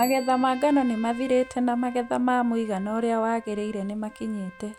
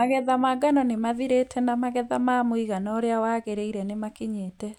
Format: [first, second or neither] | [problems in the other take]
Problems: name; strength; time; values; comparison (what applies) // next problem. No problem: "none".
second | background sound (Bicycle bell + Trumpet); 19 dB below the speech